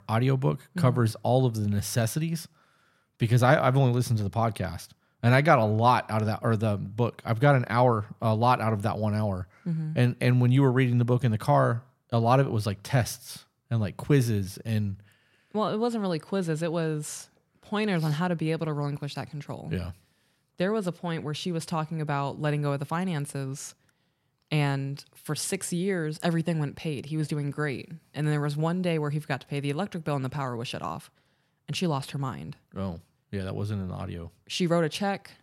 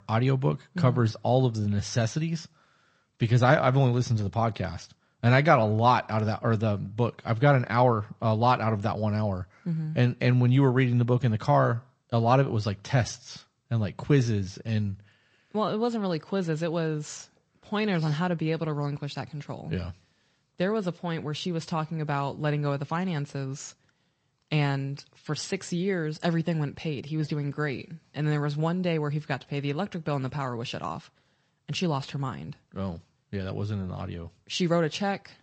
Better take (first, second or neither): first